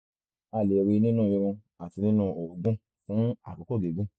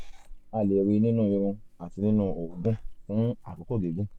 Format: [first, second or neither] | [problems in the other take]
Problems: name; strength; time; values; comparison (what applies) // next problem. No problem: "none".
first | background sound (Meow / Purr); 14 dB below the speech